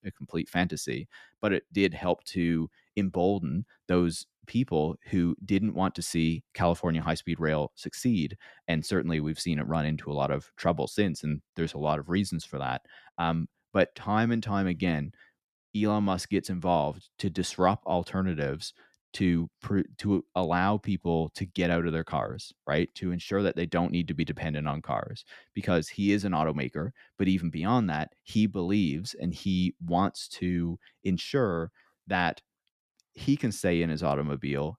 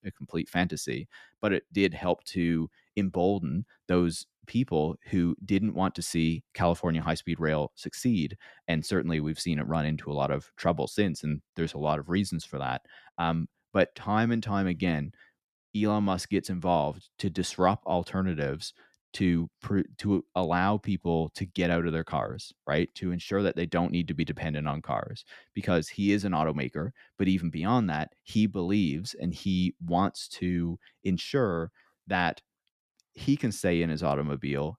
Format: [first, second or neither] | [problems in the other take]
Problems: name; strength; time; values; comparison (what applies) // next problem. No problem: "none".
neither | none